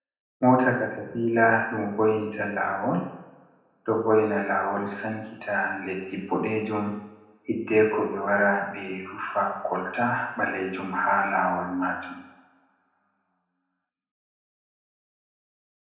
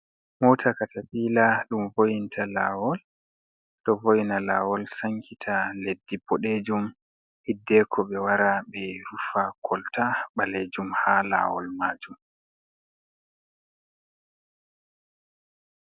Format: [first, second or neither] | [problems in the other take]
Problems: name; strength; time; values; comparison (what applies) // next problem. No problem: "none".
second | room echo; dies away in 0.9 s